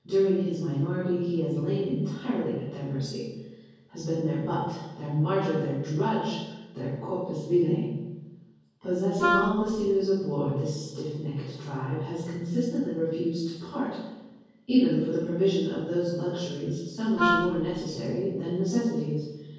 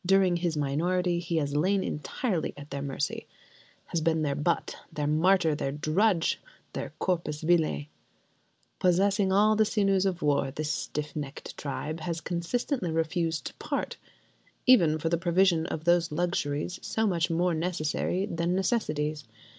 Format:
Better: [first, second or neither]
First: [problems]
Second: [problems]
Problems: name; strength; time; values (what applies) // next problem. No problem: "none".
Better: second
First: background sound (Wind instrument, woodwind instrument); as loud as the speech // room echo; dies away in 1.3 s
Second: none